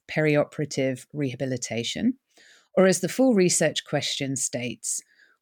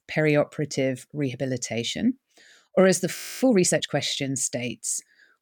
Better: first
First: none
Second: audio freezing; at 3 s

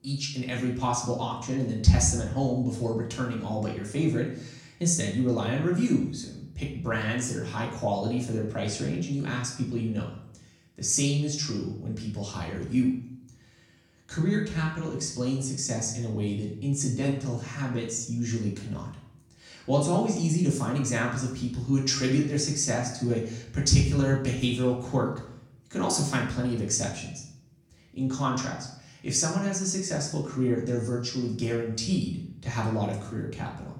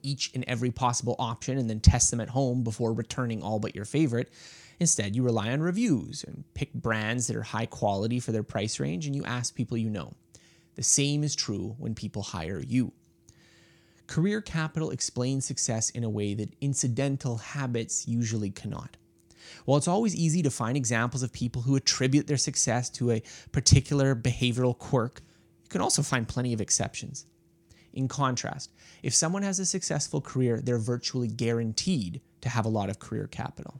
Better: second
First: room echo; noticeable; dies away in 0.6 s // off-mic speech; far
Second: none

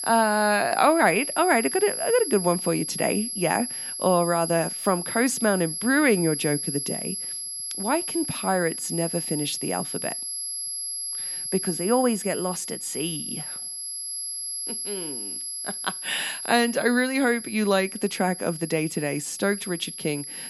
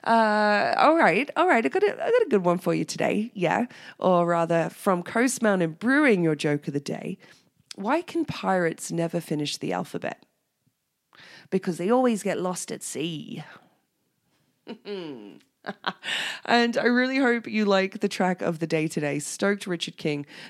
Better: second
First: high-pitched whine; loud; throughout; 11 kHz, 5 dB below the speech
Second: none

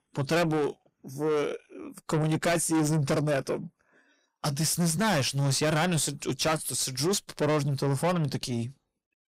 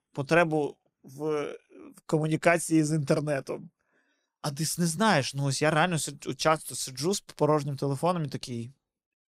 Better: second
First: distortion; heavy; 6 dB below the speech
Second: none

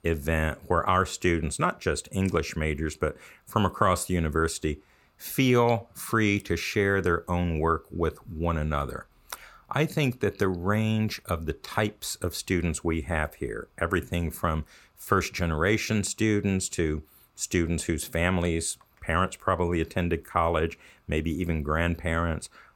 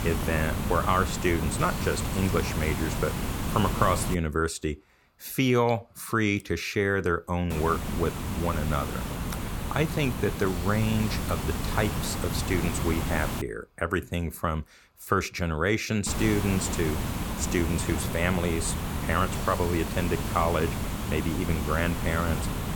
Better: first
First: none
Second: hiss; loud; until 4 s, from 7.5 to 13 s and from 16 s on; 3 dB below the speech

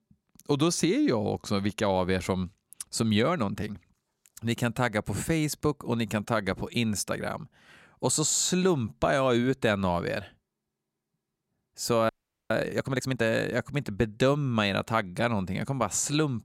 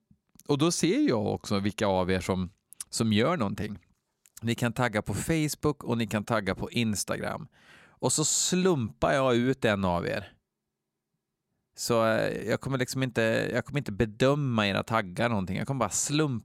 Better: second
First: audio freezing; at 12 s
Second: none

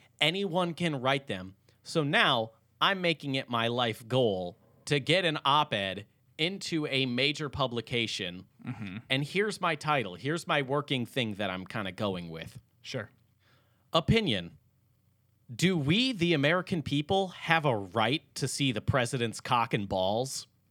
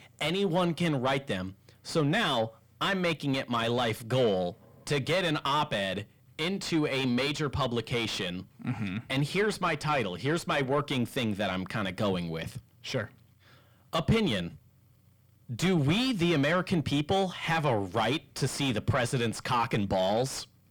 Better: first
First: none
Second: distortion; heavy; 6 dB below the speech

